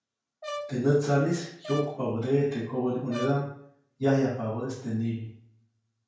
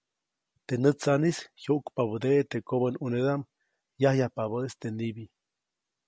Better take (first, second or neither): second